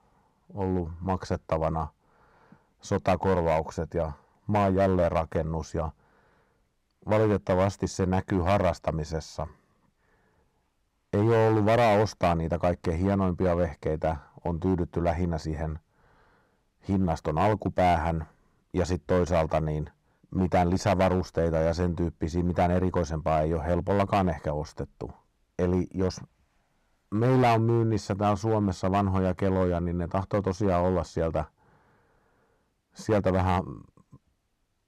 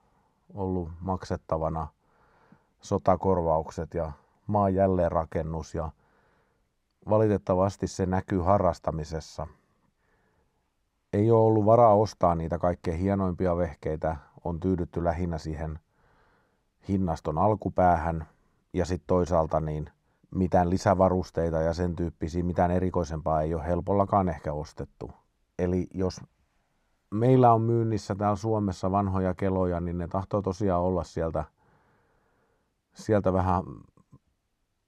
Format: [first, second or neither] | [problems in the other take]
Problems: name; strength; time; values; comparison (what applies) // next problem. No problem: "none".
second | distortion; slight; 5% of the sound clipped